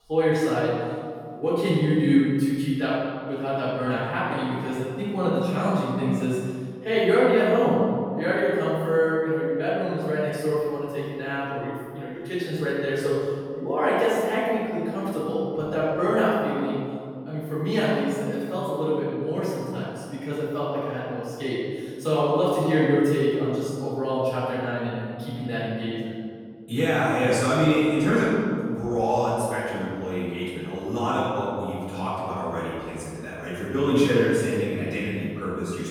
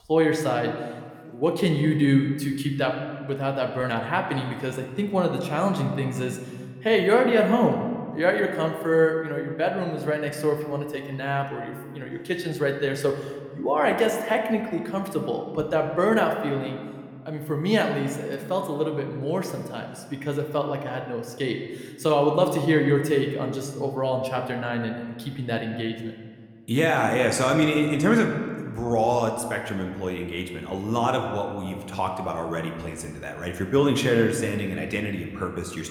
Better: second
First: room echo; strong; dies away in 1.9 s // off-mic speech; far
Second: room echo; slight; dies away in 1.4 s

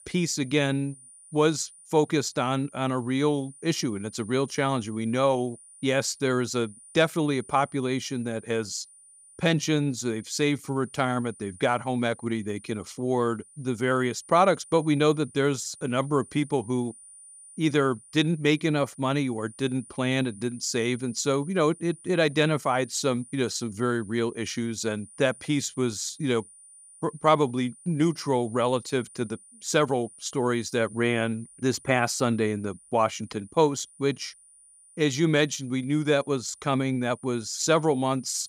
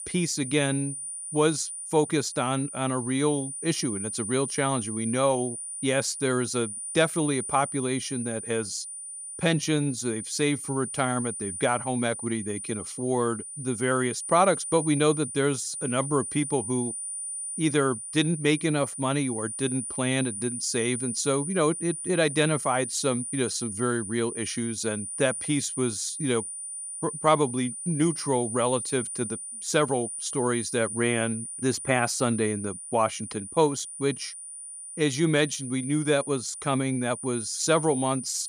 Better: first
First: high-pitched whine; faint; throughout; 9.5 kHz, 20 dB below the speech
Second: high-pitched whine; loud; throughout; 9.5 kHz, 6 dB below the speech

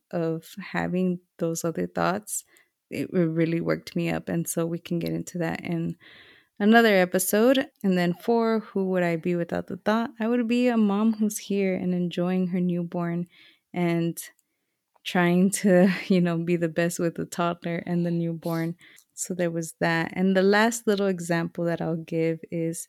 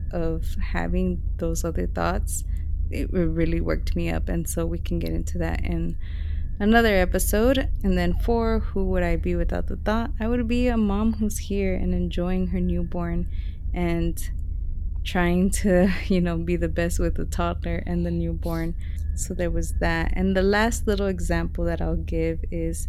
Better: first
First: none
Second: low rumble; faint; throughout; 20 dB below the speech

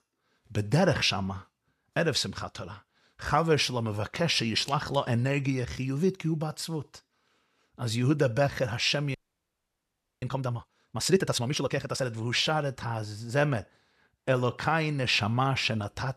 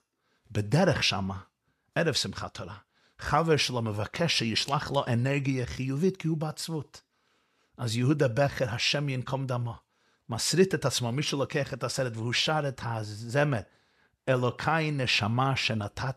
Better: second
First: audio freezing; at 9 s for 1 s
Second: none

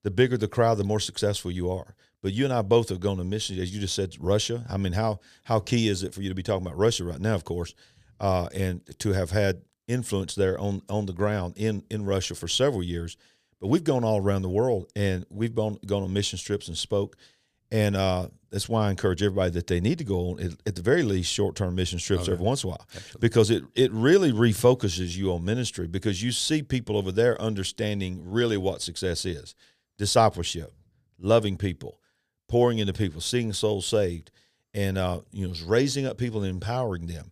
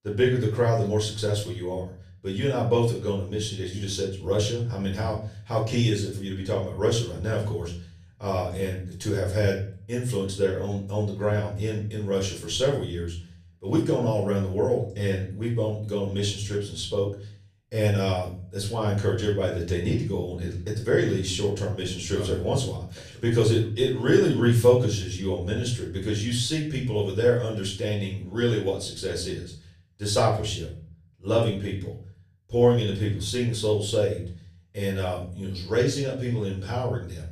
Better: first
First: none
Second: room echo; slight; dies away in 0.4 s // off-mic speech; far

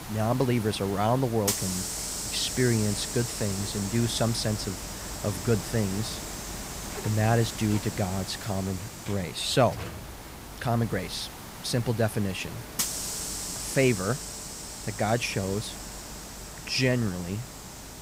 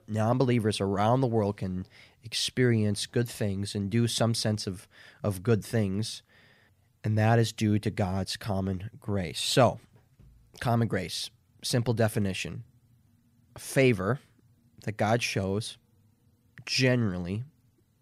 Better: second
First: hiss; loud; throughout; 6 dB below the speech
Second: none

